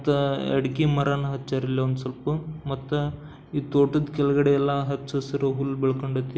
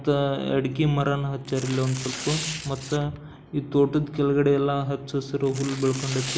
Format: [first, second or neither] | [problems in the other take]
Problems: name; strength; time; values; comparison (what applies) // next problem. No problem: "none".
first | background sound (Tearing); 14 dB below the speech